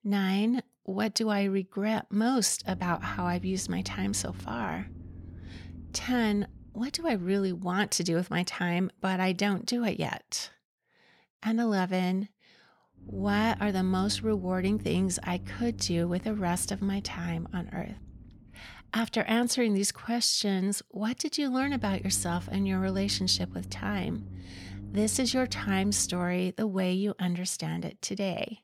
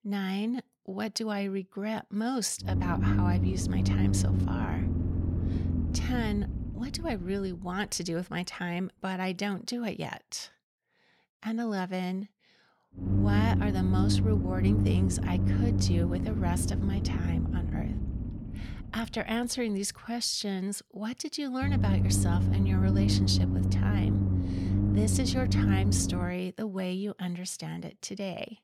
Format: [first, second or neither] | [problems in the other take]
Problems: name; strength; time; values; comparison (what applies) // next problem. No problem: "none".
first | low rumble; loud; from 2.5 to 10 s and from 13 to 26 s; 3 dB below the speech; faint in the first